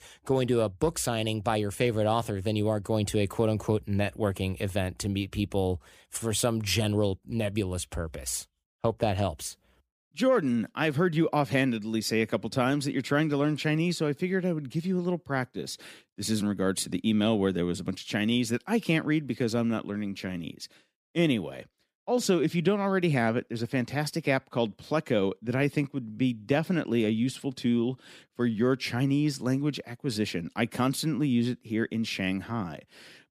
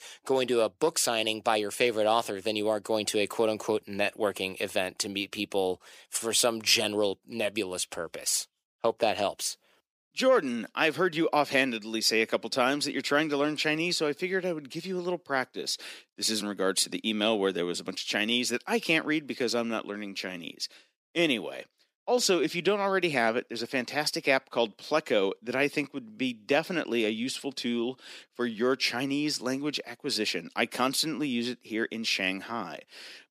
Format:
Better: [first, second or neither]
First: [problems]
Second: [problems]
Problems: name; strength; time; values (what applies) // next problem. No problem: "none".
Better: first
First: none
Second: thin; somewhat; fading below 350 Hz